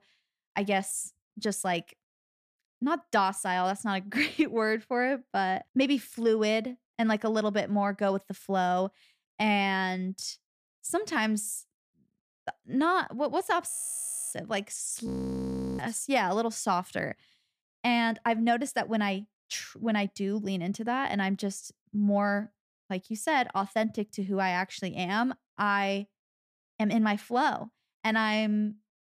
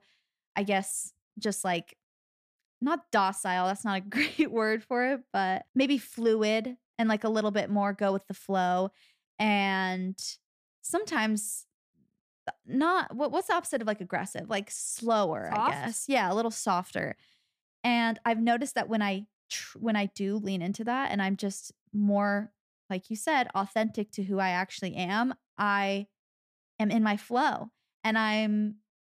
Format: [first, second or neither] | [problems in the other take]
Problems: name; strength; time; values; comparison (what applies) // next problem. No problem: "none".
second | audio freezing; at 14 s for 0.5 s and at 15 s for 0.5 s